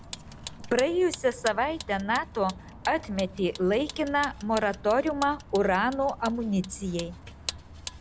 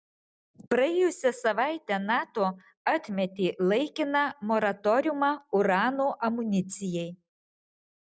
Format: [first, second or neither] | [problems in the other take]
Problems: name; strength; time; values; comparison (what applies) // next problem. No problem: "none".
second | background sound (Vehicle); 14 dB below the speech